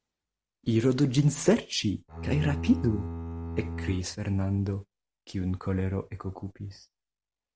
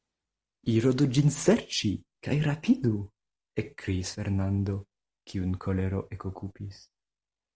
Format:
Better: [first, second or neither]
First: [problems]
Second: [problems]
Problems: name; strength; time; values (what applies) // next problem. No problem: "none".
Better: second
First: background sound (Bowed string instrument); 6 dB below the speech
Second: none